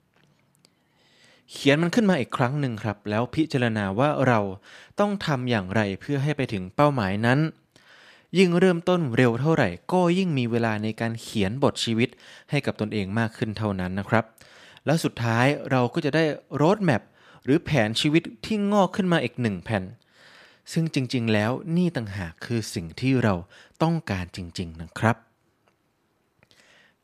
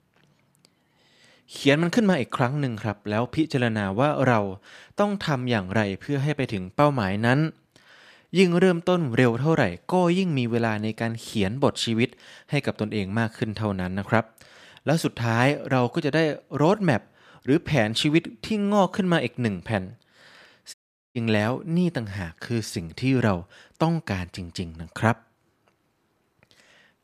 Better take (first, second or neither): first